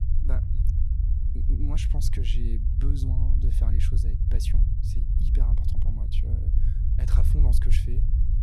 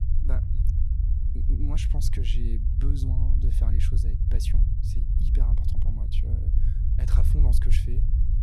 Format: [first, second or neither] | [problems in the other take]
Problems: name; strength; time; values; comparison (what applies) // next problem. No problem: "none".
neither | low rumble; loud; throughout; as loud as the speech; the same in both